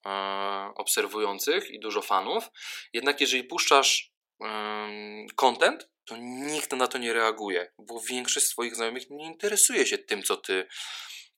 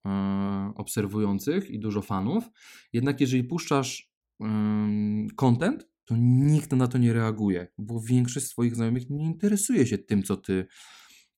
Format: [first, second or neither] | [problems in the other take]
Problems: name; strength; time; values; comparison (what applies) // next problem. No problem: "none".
second | thin; very; fading below 450 Hz